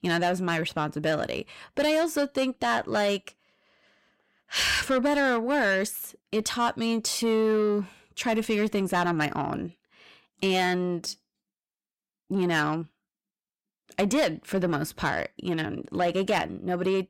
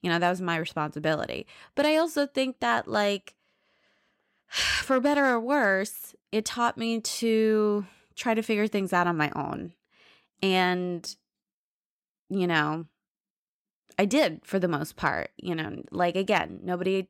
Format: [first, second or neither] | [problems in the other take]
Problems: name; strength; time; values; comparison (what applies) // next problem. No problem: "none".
second | distortion; slight; 10 dB below the speech